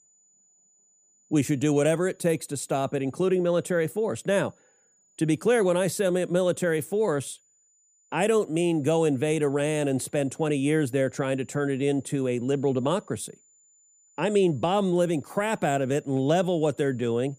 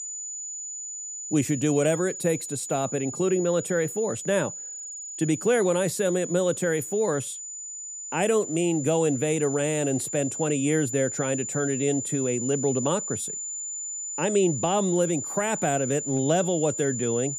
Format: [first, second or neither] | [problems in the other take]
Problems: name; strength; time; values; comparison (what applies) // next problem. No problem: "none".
first | high-pitched whine; loud; throughout; 7 kHz, 6 dB below the speech; faint in the first